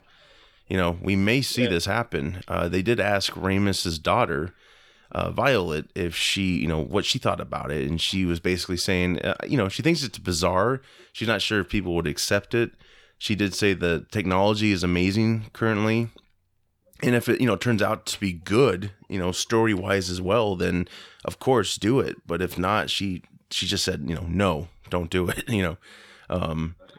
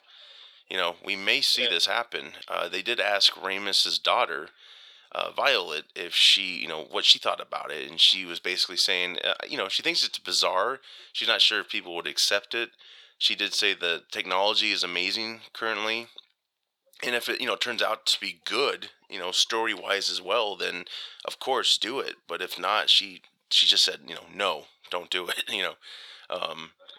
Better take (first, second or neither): first